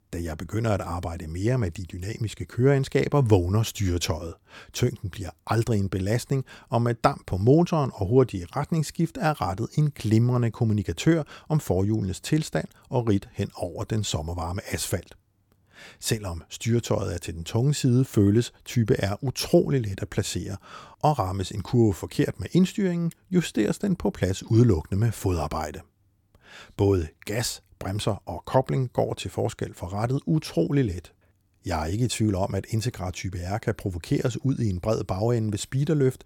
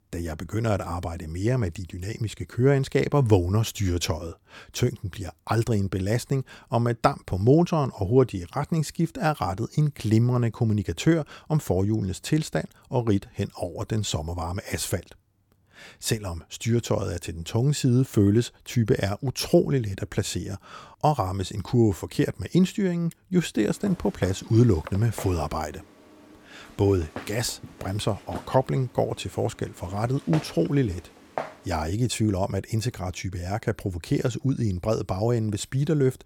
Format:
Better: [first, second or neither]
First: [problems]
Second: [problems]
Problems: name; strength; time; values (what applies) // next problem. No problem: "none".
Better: first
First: none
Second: footsteps; noticeable; from 24 to 31 s; peak 9 dB below the speech